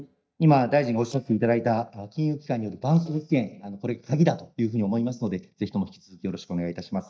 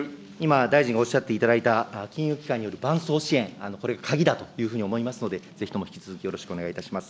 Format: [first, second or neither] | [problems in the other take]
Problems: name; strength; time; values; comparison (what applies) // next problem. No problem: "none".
second | noise reduction (neural mask model DeepFilterNet 3)